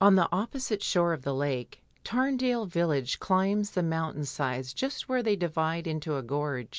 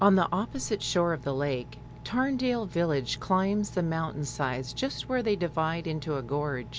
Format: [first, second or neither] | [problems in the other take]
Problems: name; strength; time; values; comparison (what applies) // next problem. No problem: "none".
first | background sound (Engine); 15 dB below the speech